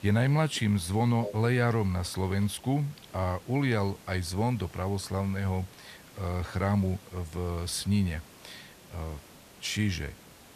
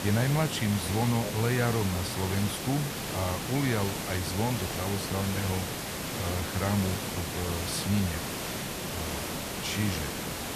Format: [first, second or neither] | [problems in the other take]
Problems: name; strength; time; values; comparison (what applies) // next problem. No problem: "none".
first | hiss; loud; throughout; 2 dB below the speech; faint in the first